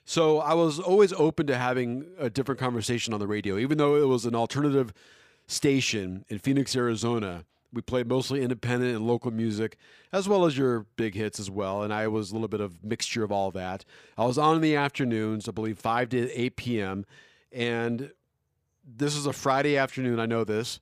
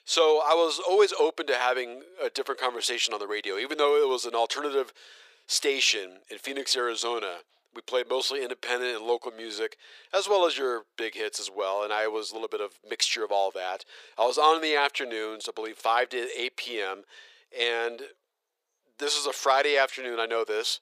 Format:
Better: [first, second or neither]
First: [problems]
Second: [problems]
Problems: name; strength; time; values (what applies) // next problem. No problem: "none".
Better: first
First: none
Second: thin; very; fading below 450 Hz